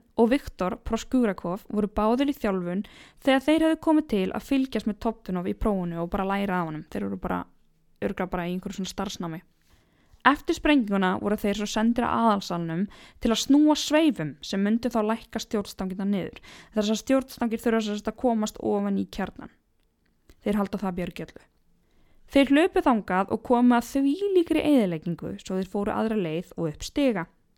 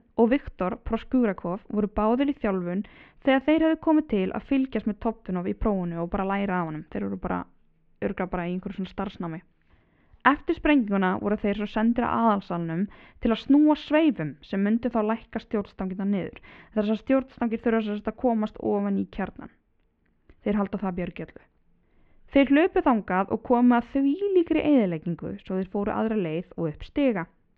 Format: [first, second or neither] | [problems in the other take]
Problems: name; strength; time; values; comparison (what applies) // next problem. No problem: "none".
first | muffled; very; fading above 2.5 kHz